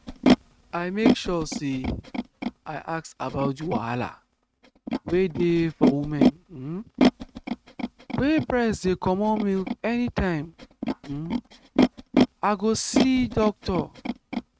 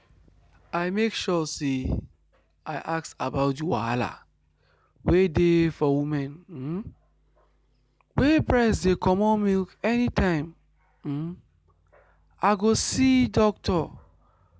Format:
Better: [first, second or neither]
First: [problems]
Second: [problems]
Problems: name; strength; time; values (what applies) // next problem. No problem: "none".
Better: second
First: noise reduction (neural mask model RNNoise)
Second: none